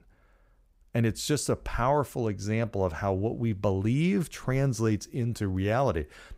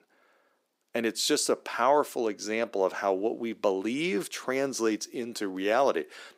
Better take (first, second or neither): first